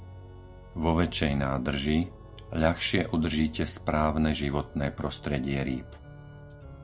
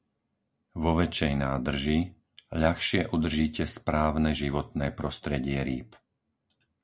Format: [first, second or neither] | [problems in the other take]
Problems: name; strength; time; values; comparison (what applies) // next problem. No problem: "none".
second | background sound (Organ); 16 dB below the speech